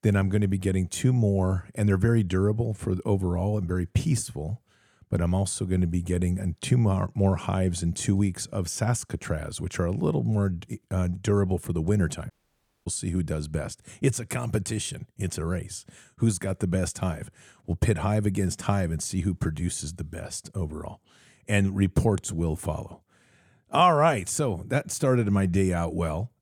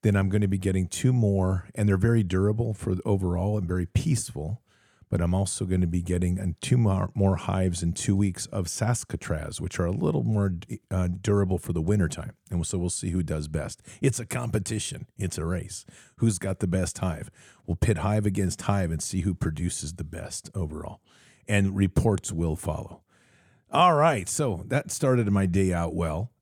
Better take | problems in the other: second | audio cutting out; at 12 s for 0.5 s

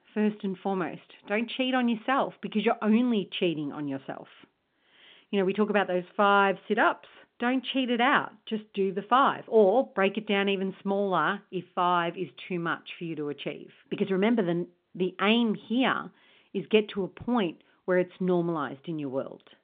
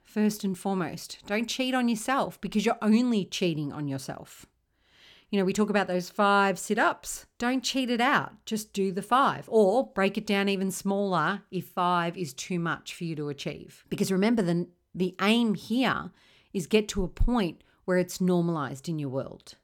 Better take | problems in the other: second | phone-call audio; nothing above 3 kHz

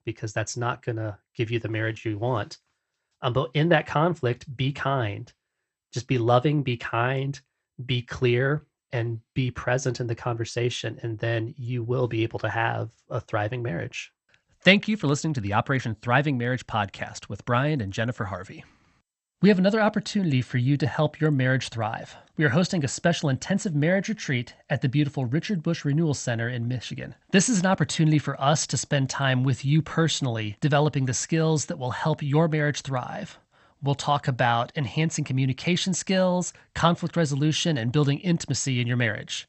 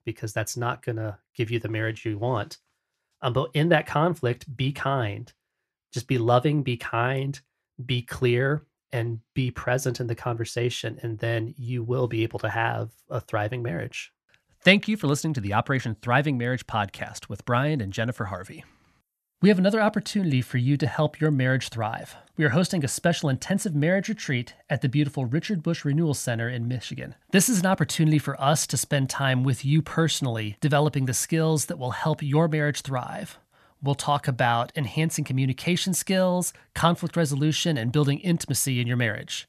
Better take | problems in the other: second | garbled, watery; slightly; nothing above 8 kHz

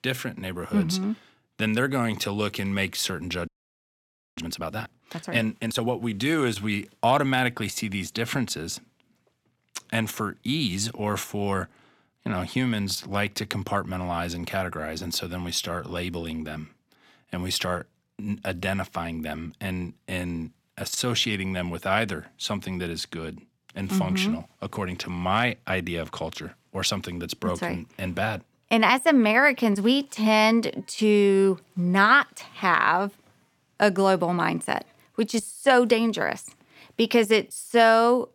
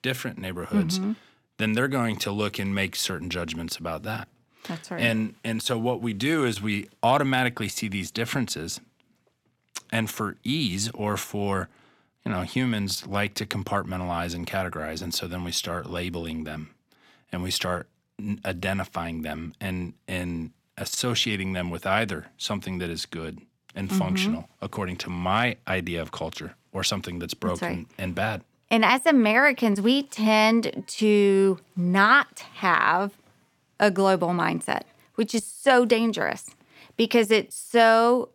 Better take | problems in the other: second | audio freezing; at 3.5 s for 1 s

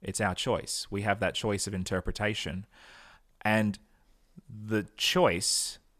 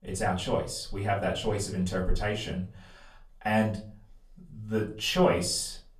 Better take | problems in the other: first | off-mic speech; far // room echo; slight; dies away in 0.3 s

